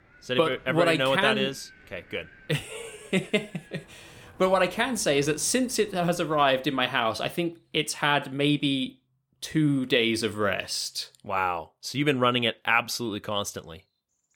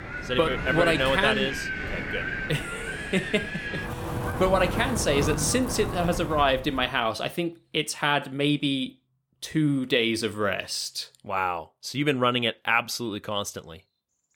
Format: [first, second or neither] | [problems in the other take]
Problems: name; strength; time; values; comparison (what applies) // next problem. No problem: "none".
first | wind in the background; loud; until 6.5 s; 5 dB below the speech; faint in the first